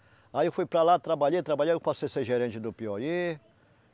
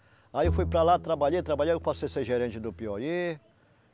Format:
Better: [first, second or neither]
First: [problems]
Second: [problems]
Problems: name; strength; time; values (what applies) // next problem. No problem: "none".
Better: first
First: none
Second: background sound (Bowed string instrument); 7 dB below the speech